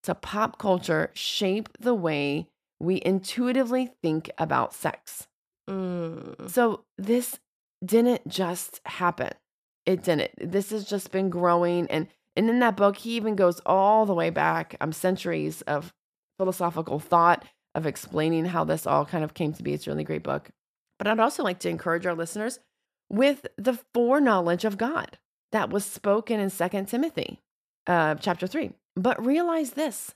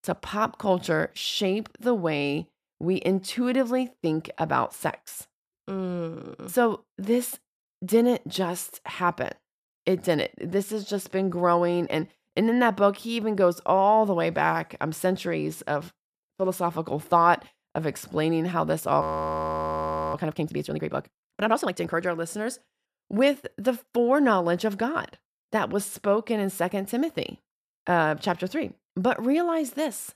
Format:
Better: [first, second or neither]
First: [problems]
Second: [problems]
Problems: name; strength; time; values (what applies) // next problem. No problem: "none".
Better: first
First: none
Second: audio freezing; at 19 s for 1 s